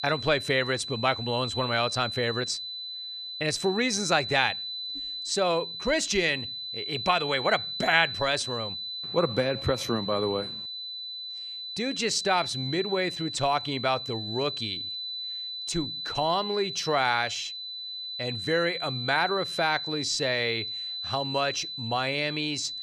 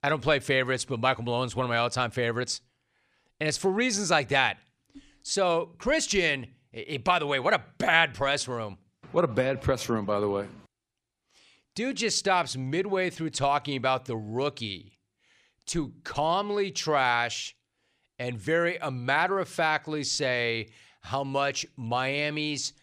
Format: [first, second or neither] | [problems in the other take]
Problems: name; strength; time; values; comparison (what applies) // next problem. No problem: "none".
second | high-pitched whine; loud; throughout; 4 kHz, 5 dB below the speech